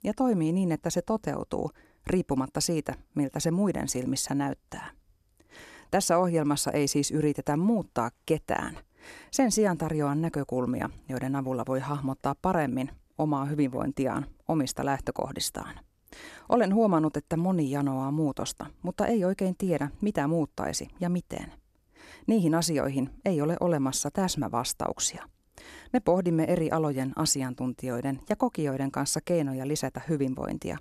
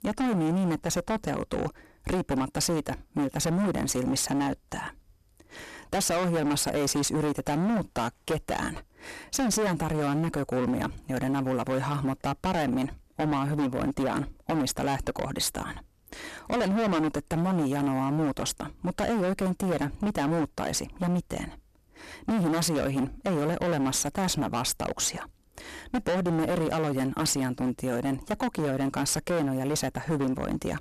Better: first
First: none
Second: distortion; heavy; 24% of the sound clipped

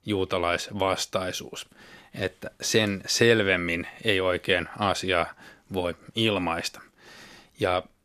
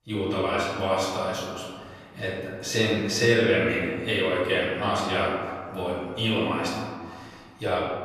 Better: first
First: none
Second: room echo; noticeable; dies away in 1.9 s // off-mic speech; far

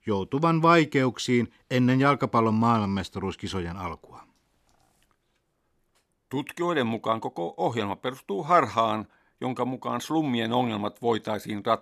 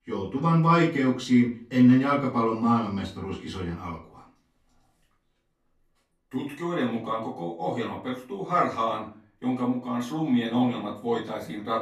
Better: first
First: none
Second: off-mic speech; far // room echo; slight; dies away in 0.3 s

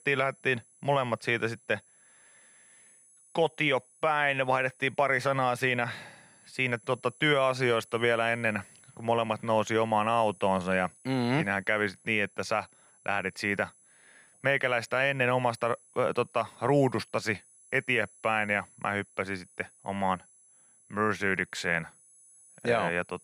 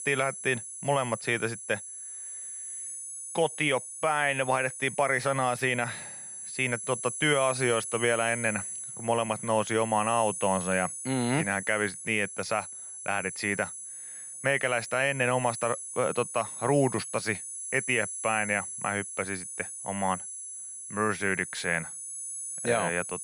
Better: first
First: high-pitched whine; faint; throughout; 10.5 kHz, 30 dB below the speech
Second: high-pitched whine; loud; throughout; 10.5 kHz, 7 dB below the speech

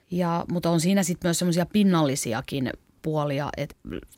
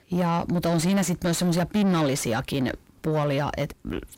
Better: first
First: none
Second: distortion; slight; 9 dB below the speech

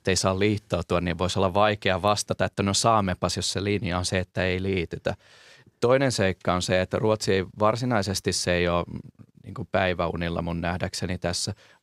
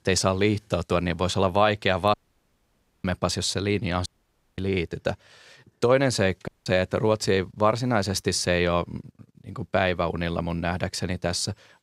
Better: first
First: none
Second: audio cutting out; at 2 s for 1 s, at 4 s for 0.5 s and at 6.5 s

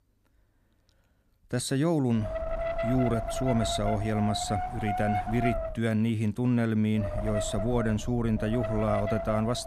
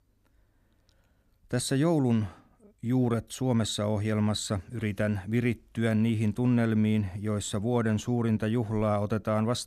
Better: second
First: wind noise on the microphone; heavy; from 2 to 5.5 s and from 7 s on; as loud as the speech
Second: none

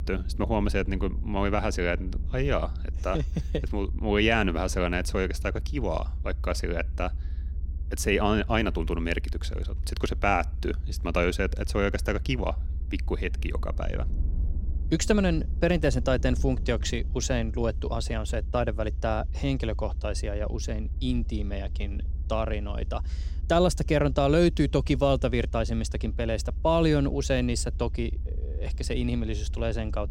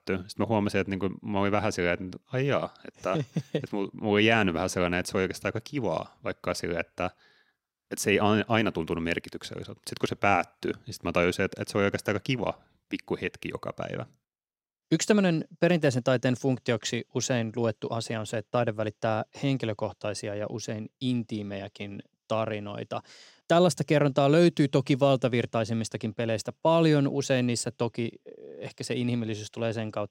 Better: second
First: low rumble; faint; throughout; 25 dB below the speech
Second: none

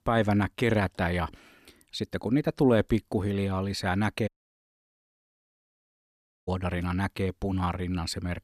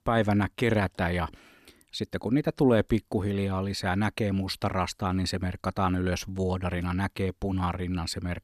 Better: second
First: audio cutting out; at 4.5 s for 2 s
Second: none

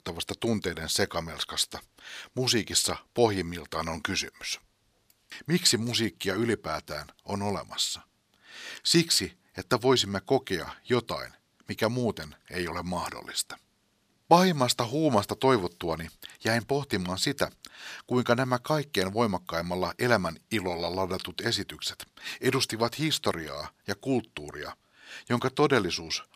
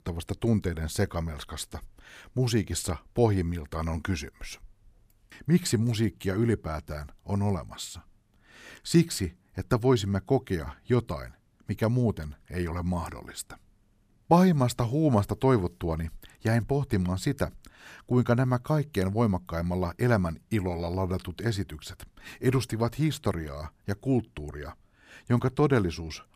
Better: second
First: thin; somewhat; fading below 900 Hz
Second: none

